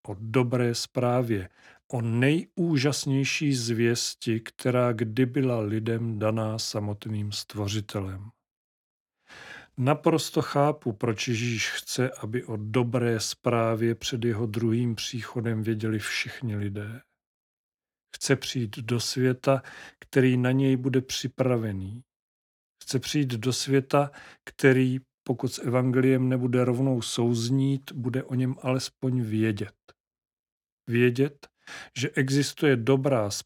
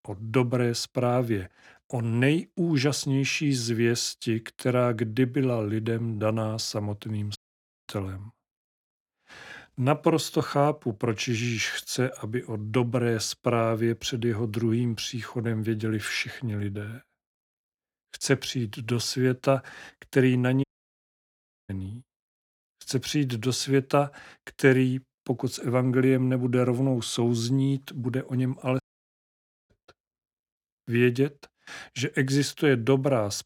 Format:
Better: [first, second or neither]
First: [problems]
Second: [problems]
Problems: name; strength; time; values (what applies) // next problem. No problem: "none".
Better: first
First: none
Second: audio cutting out; at 7.5 s for 0.5 s, at 21 s for 1 s and at 29 s for 1 s